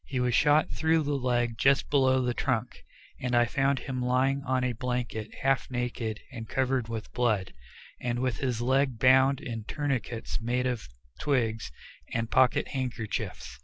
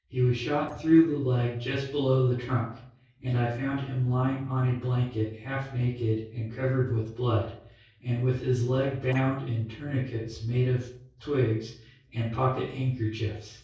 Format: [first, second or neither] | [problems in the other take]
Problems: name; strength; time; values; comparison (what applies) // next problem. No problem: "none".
first | noise reduction (neural separator model SepFormer DNS4)